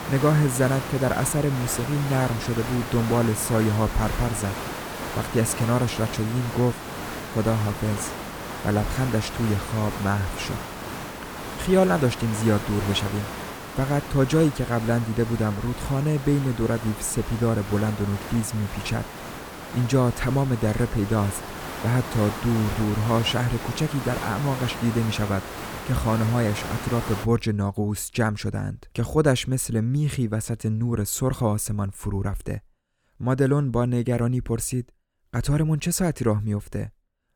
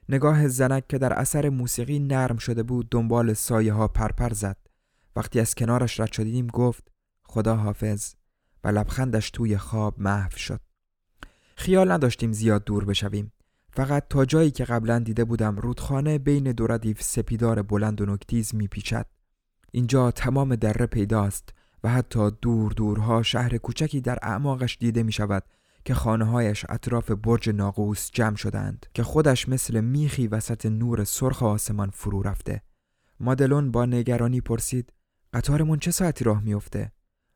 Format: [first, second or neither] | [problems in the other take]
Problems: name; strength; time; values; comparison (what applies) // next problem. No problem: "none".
second | hiss; loud; until 27 s; 9 dB below the speech